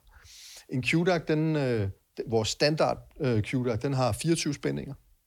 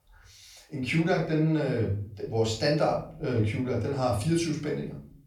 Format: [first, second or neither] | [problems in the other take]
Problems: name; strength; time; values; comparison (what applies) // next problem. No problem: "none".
first | off-mic speech; far // room echo; slight; dies away in 0.4 s